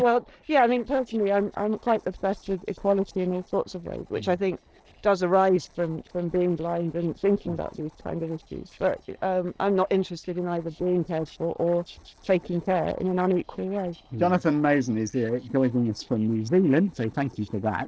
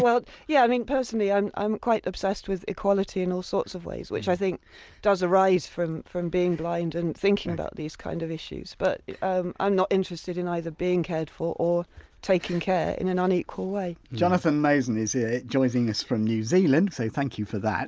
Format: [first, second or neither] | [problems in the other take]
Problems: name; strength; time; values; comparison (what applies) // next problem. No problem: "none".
second | noise reduction (neural separator model SepFormer DNS4)